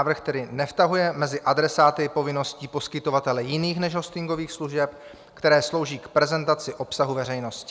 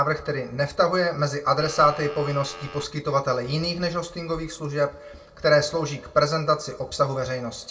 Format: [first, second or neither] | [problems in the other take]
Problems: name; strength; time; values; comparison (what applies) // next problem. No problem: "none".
first | background sound (Telephone); 15 dB below the speech // room echo; dies away in 0.2 s